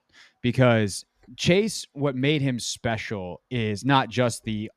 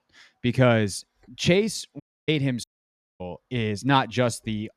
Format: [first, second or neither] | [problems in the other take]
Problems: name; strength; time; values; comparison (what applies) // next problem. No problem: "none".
first | audio cutting out; at 2 s and at 2.5 s for 0.5 s